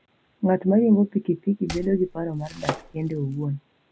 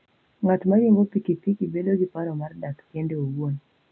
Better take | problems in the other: second | background sound (Domestic sounds, home sounds); 12 dB below the speech

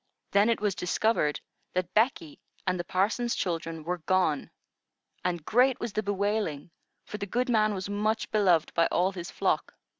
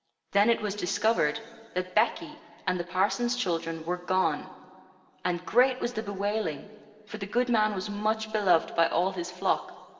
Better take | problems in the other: first | room echo; dies away in 1.9 s

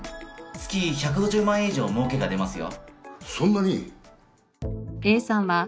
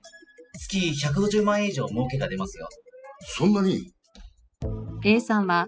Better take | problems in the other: first | noise reduction (classical method spectral subtraction)

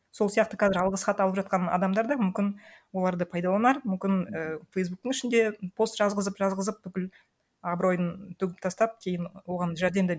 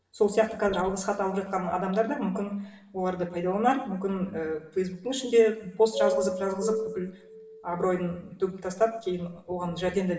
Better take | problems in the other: first | background sound (Doorbell); 3 dB below the speech // room echo; dies away in 0.7 s

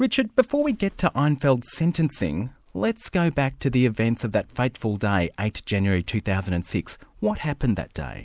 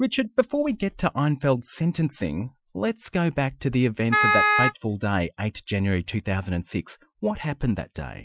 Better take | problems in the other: first | noise reduction (classical method Wiener filter)

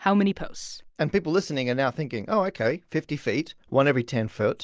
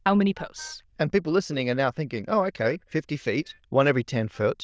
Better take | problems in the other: first | noise reduction (neural diffusion model UNIVERSE++)

